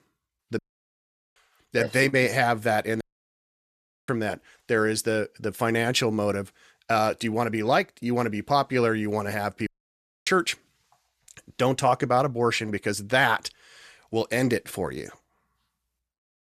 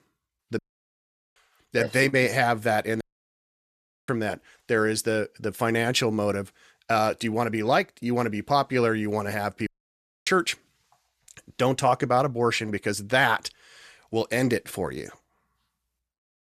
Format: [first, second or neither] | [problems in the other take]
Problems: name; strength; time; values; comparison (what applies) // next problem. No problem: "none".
neither | audio cutting out; at 0.5 s for 1 s, at 3 s for 1 s and at 9.5 s for 0.5 s; the same in both